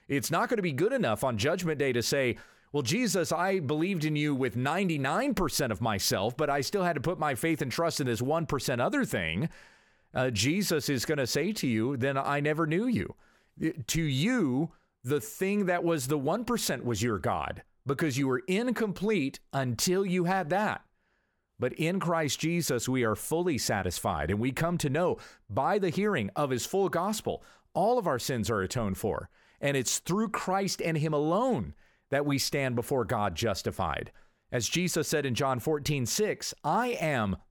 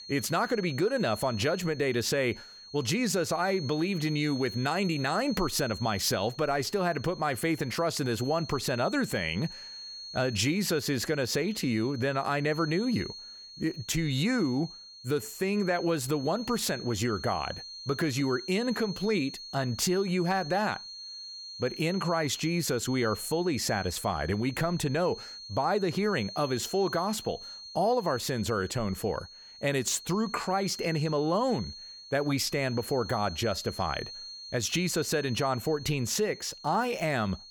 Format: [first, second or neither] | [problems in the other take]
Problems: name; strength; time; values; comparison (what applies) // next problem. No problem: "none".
first | high-pitched whine; noticeable; throughout; 4.5 kHz, 10 dB below the speech